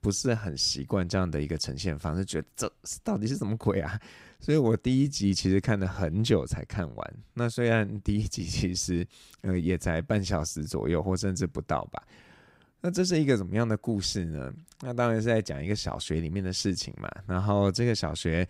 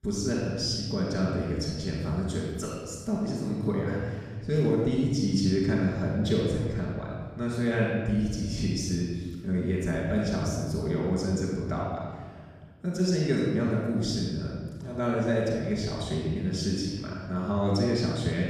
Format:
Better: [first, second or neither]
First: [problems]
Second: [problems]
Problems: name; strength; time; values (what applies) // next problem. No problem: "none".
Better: first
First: none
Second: off-mic speech; far // room echo; strong; dies away in 1.6 s